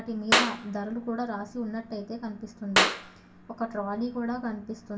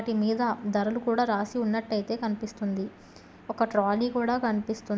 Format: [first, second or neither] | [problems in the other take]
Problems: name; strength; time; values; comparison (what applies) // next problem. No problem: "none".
second | background sound (Clapping); 3 dB above the speech // room echo; dies away in 0.2 s